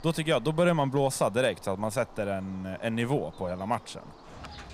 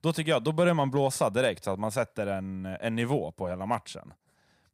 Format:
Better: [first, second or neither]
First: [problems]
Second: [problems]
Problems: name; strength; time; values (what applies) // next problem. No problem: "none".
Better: second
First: animal sounds; faint; throughout; 20 dB below the speech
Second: none